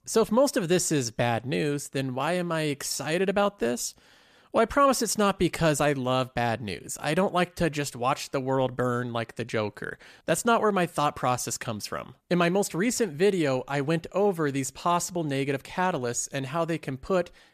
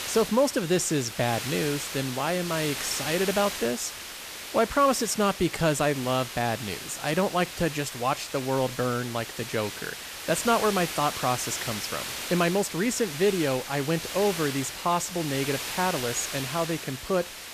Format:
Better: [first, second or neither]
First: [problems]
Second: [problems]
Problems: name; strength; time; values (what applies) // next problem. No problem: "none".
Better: first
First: none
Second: hiss; loud; throughout; 7 dB below the speech